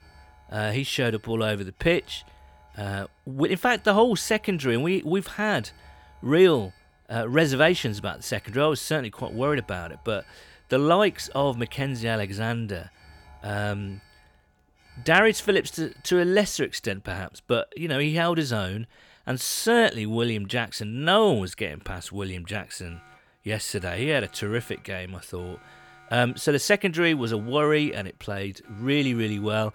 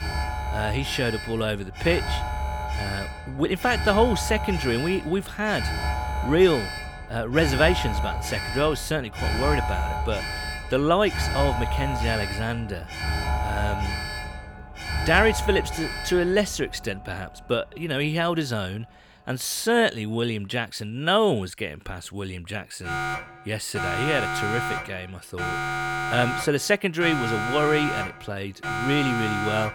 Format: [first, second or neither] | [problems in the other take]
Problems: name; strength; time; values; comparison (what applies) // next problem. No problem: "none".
first | alarms or sirens; loud; throughout; 4 dB below the speech; faint in the first